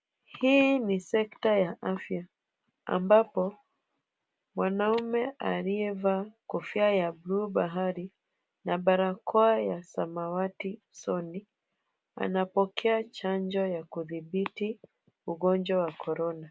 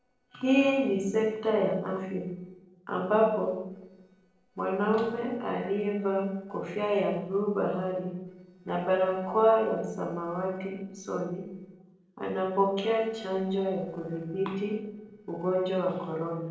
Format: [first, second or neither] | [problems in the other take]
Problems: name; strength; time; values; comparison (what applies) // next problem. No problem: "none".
first | noise reduction (neural separator model SepFormer DNS4)